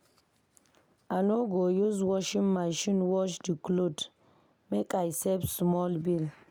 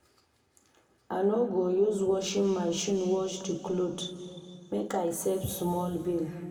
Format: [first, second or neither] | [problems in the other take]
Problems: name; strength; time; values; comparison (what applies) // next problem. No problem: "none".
first | room echo; dies away in 2.2 s